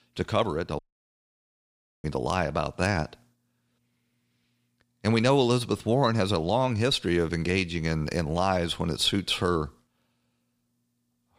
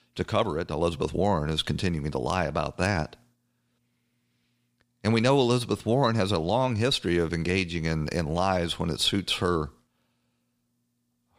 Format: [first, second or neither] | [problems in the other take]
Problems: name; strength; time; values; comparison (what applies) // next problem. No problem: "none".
second | audio cutting out; at 1 s for 1.5 s